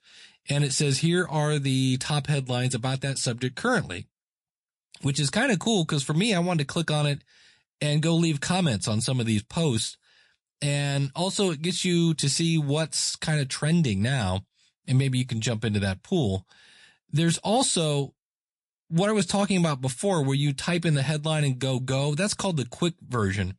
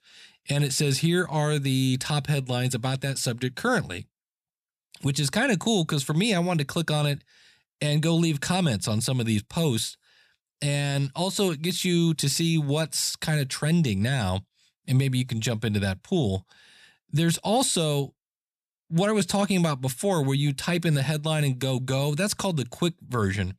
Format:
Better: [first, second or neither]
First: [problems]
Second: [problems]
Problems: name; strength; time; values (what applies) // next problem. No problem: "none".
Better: second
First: garbled, watery; slightly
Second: none